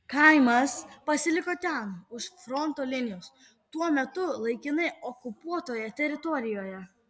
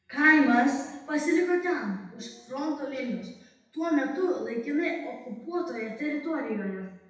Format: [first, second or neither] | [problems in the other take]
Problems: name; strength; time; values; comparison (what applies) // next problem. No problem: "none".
first | room echo; dies away in 0.8 s